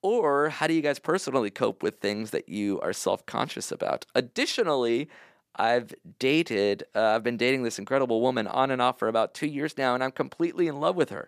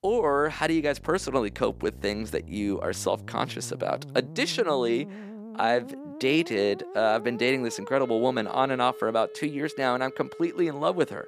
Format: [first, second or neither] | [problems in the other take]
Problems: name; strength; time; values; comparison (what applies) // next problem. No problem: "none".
first | background music; noticeable; throughout; 15 dB below the speech